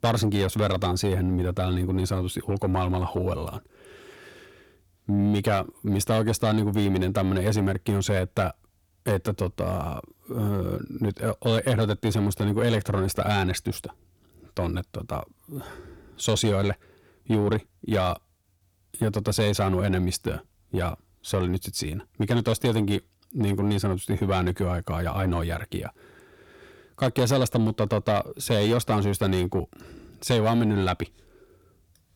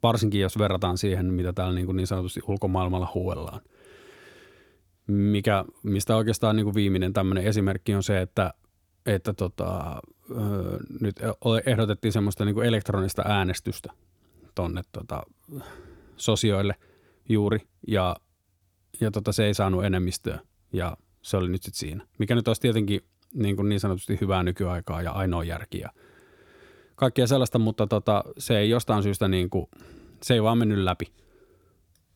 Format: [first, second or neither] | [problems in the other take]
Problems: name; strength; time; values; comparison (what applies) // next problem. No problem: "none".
second | distortion; slight; 10 dB below the speech